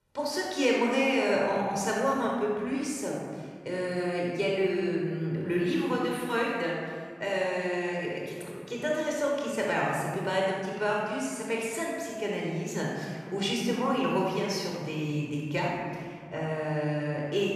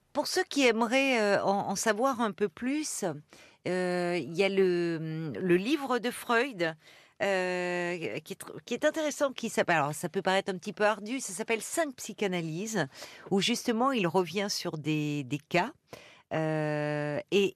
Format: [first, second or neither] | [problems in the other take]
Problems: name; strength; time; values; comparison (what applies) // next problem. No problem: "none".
second | off-mic speech; far // room echo; strong; dies away in 1.9 s